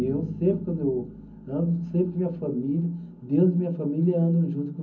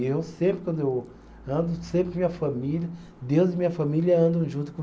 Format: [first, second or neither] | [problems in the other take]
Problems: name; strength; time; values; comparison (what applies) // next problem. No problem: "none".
second | background sound (Bass guitar); 18 dB below the speech // room echo; dies away in 0.4 s